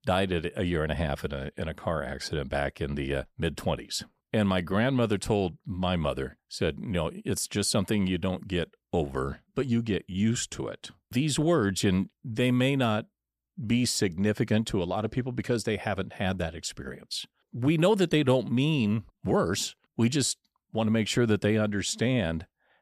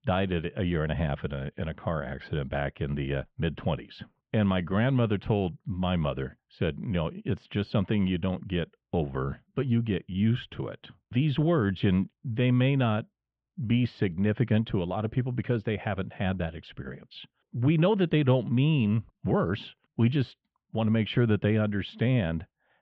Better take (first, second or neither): first